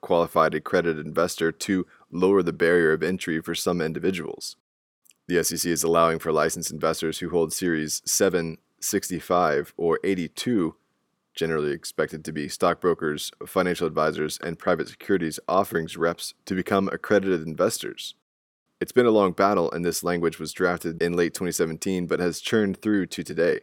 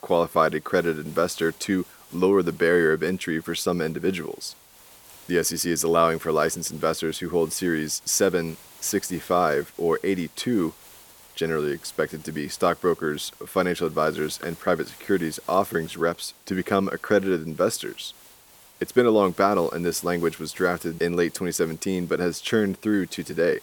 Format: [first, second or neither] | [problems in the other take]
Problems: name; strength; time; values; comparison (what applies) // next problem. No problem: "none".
first | hiss; faint; throughout; 25 dB below the speech